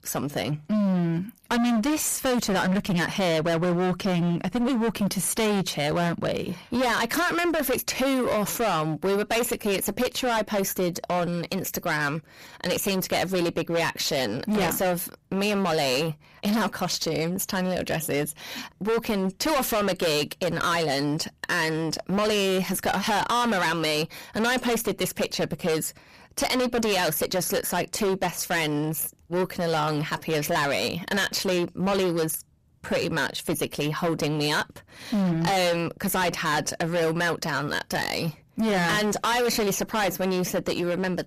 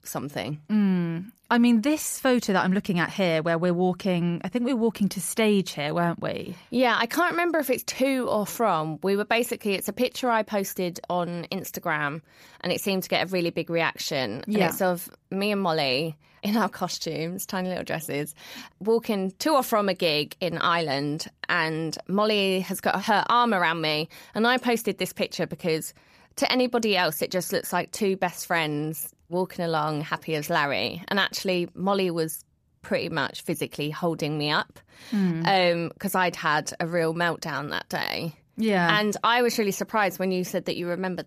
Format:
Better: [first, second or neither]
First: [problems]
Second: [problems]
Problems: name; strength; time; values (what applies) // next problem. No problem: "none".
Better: second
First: distortion; heavy; 23% of the sound clipped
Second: none